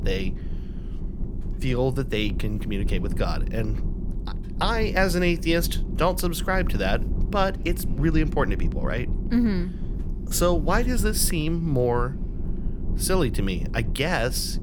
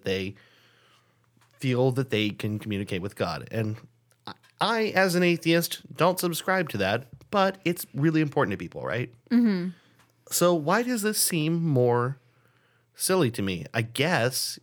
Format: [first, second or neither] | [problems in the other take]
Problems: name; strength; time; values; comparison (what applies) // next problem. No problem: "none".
second | low rumble; noticeable; throughout; 15 dB below the speech